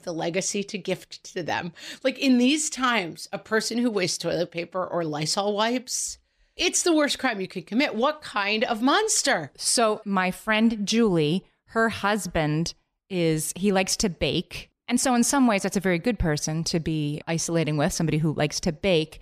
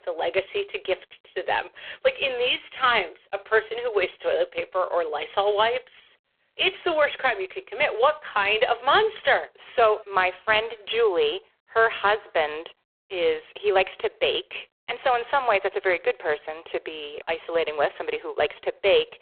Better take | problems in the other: first | phone-call audio; poor line

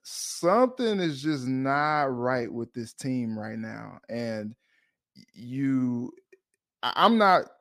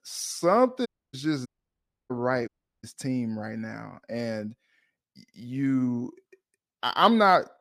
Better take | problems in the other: first | audio cutting out; at 1 s, at 1.5 s for 0.5 s and at 2.5 s

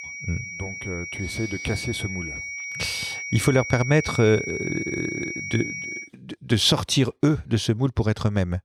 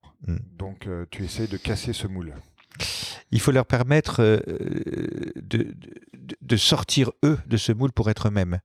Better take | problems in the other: second | high-pitched whine; loud; until 6 s; 2 kHz, 7 dB below the speech

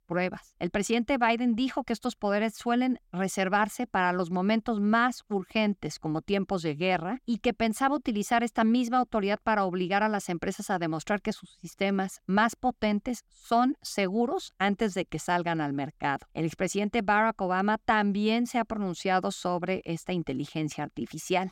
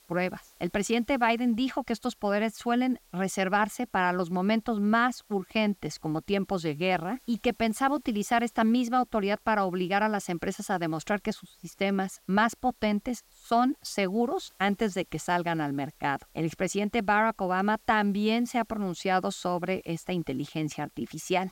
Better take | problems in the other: first | hiss; faint; throughout; 30 dB below the speech

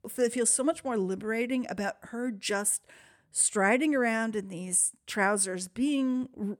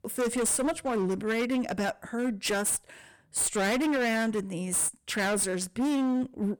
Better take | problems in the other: first | distortion; heavy; 24% of the sound clipped

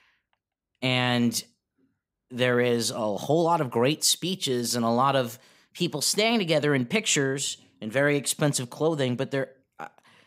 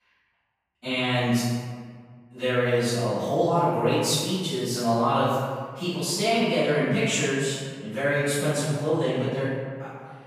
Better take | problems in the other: first | off-mic speech; far // room echo; strong; dies away in 1.6 s

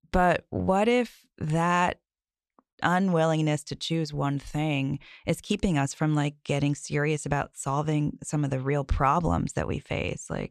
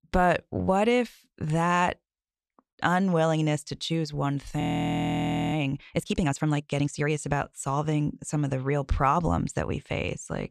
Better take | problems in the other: first | audio freezing; at 4.5 s for 1 s

